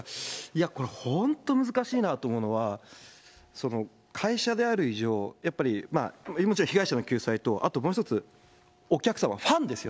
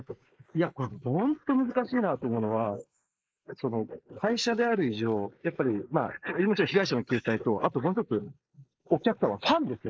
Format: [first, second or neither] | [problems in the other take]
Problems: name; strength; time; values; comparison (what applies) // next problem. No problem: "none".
first | noise reduction (neural mask model Resemble Enhance denoiser)